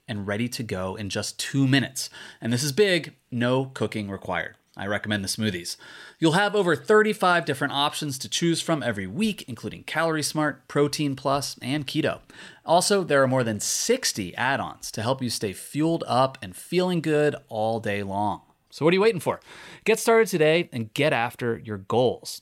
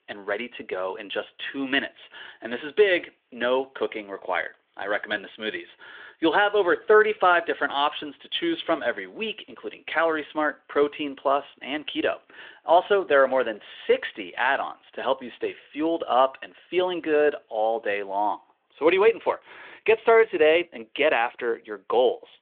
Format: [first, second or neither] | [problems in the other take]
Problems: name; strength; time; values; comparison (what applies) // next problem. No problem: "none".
first | phone-call audio; nothing above 3.5 kHz